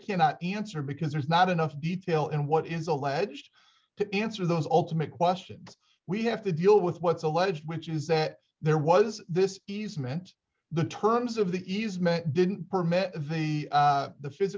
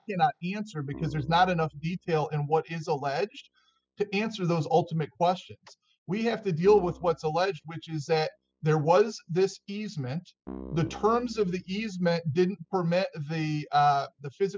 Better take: first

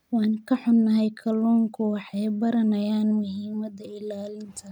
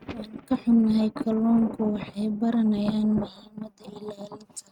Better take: first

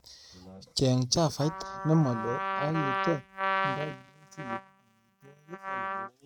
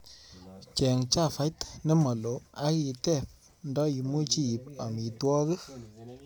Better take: second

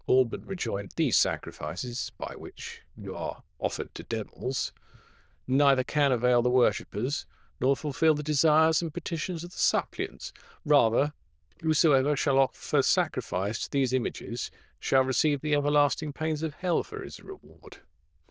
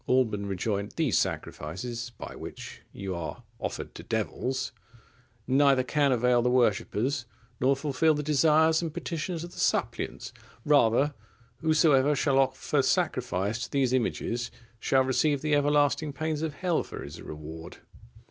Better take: second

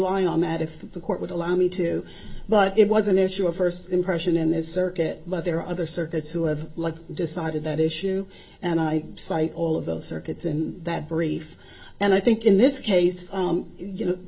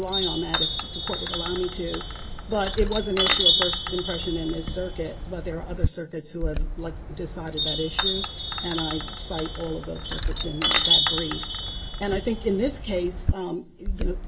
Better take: first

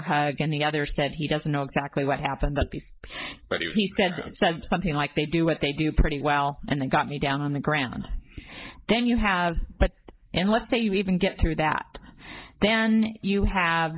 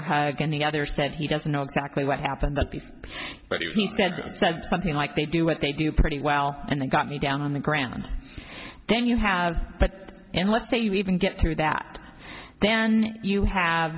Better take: second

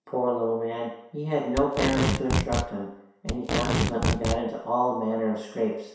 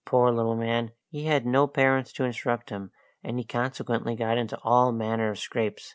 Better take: second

